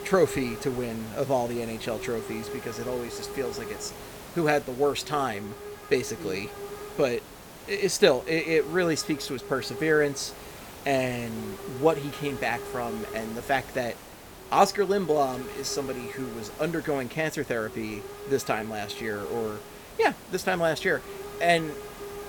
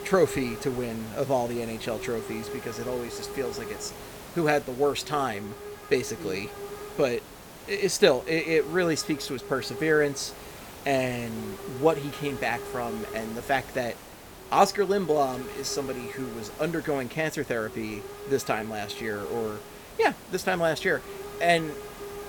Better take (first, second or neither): neither